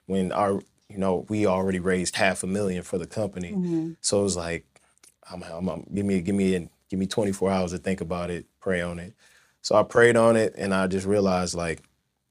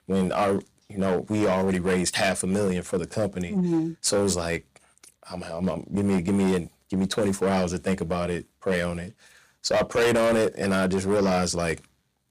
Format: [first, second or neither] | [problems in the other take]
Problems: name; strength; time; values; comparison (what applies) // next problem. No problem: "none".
first | distortion; heavy; 10% of the sound clipped